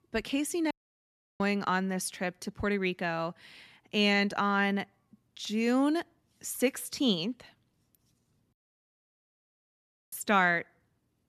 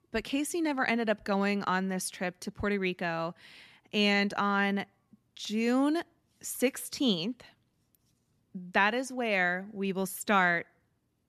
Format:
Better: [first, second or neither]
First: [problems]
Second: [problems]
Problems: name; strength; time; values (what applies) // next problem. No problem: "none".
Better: second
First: audio cutting out; at 0.5 s for 0.5 s and at 8.5 s for 1.5 s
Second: none